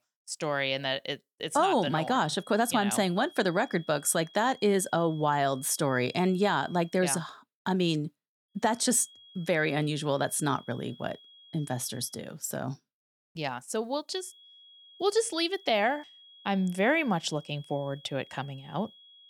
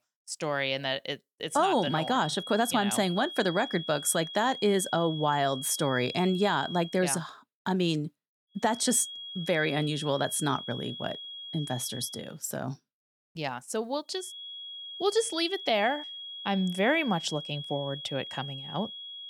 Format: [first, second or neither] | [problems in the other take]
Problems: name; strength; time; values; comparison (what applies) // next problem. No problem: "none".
first | high-pitched whine; loud; from 1.5 to 7 s, from 8.5 to 12 s and from 14 s on; 3.5 kHz, 10 dB below the speech; faint in the first